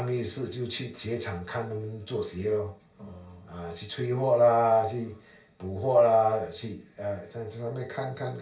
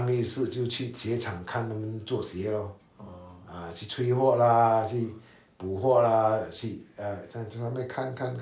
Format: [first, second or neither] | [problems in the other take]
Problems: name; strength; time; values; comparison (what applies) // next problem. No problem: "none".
second | room echo; dies away in 0.1 s